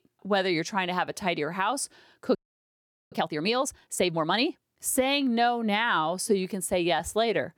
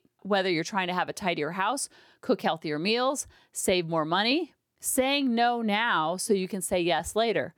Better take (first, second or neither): second